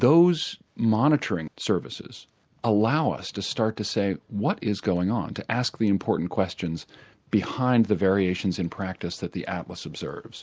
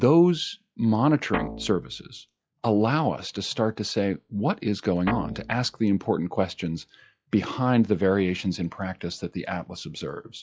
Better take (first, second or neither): first